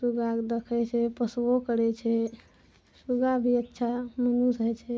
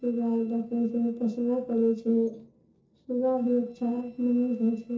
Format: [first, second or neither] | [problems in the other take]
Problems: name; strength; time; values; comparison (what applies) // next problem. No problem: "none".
first | noise reduction (neural separator model SepFormer DNS4)